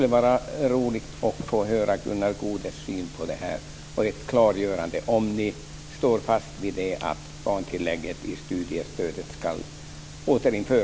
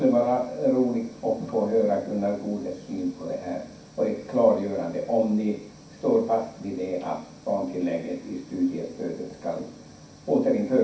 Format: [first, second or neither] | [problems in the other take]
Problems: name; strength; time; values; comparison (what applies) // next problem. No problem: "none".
first | room echo; dies away in 0.6 s